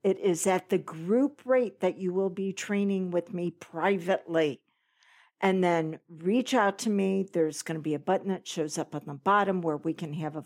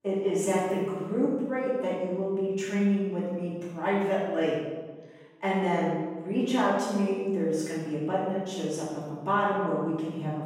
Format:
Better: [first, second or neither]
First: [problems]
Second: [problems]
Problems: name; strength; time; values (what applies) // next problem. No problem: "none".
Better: first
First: none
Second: room echo; strong; dies away in 1.1 s // off-mic speech; far